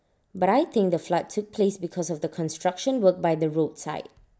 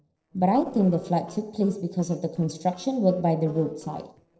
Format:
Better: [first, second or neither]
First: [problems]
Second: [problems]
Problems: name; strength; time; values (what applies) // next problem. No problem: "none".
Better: first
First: none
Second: noise reduction (neural separator model SepFormer DNS4)